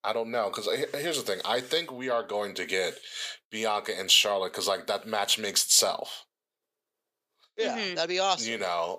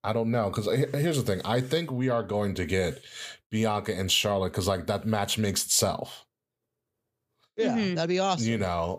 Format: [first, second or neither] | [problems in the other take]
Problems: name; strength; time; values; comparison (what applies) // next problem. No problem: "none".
second | thin; somewhat; fading below 450 Hz